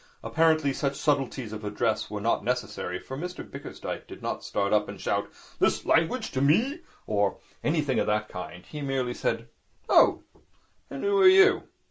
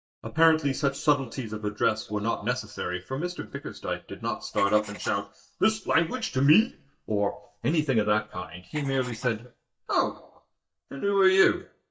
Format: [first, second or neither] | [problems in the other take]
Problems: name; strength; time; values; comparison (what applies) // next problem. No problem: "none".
first | noise reduction (neural mask model DeepFilterNet 3)